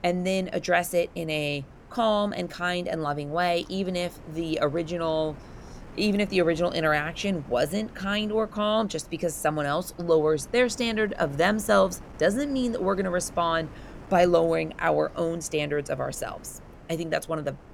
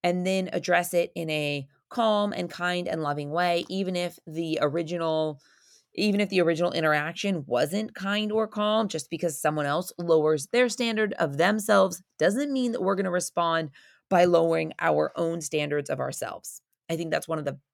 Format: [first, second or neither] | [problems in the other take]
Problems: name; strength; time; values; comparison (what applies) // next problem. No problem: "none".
second | wind noise on the microphone; occasional gusts; 25 dB below the speech